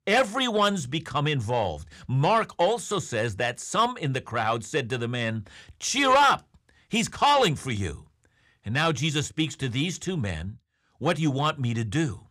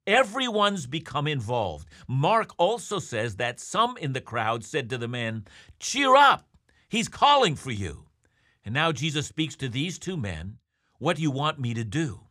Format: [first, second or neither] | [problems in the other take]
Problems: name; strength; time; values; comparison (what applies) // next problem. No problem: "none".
second | distortion; slight; 10 dB below the speech